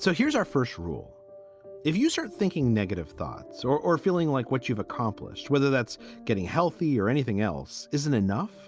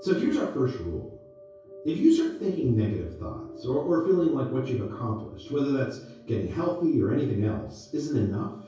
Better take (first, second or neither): first